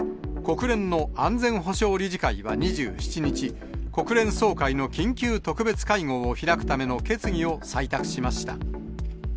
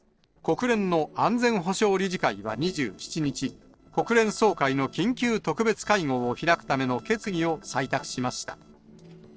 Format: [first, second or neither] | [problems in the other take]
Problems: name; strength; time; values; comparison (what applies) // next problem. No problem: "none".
first | noise reduction (neural separator model SepFormer DNS4)